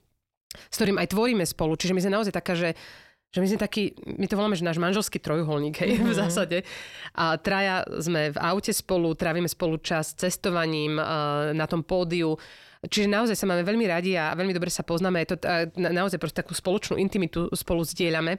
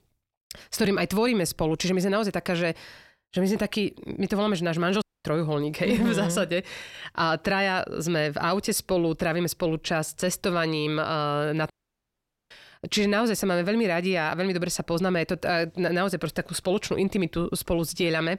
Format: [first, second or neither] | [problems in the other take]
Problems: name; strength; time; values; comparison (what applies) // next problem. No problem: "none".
first | audio cutting out; at 5 s and at 12 s for 1 s